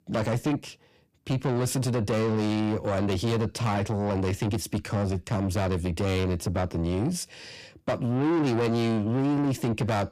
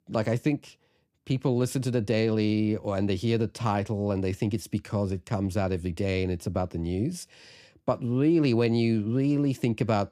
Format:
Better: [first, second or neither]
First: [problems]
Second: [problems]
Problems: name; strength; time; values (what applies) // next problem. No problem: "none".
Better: second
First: distortion; heavy; 7 dB below the speech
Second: none